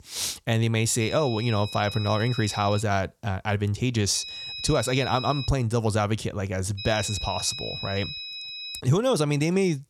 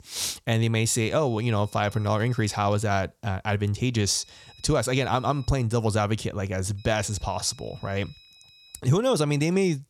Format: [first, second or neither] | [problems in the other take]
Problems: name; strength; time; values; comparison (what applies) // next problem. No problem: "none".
second | high-pitched whine; loud; from 1 to 3 s, from 4 to 5.5 s and from 7 to 9 s; 4 kHz, 9 dB below the speech; faint in the second